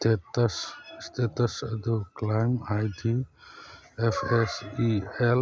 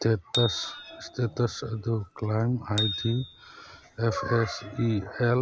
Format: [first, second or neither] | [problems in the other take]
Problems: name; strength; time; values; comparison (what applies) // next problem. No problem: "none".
first | background sound (Bicycle bell); 10 dB below the speech